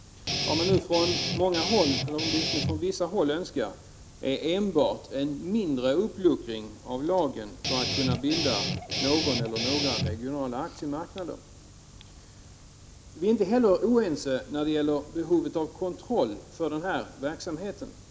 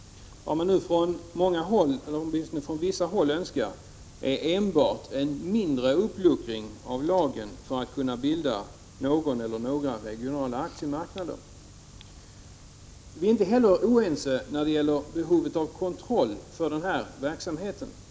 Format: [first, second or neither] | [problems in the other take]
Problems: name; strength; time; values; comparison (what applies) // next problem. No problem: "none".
second | background sound (Guitar); 1 dB below the speech